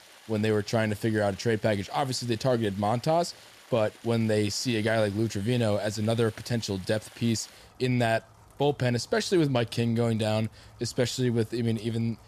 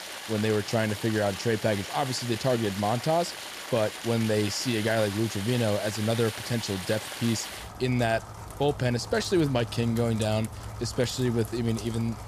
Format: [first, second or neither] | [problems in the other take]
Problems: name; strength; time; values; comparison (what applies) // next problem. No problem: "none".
first | rain or running water; loud; throughout; 10 dB below the speech; faint in the first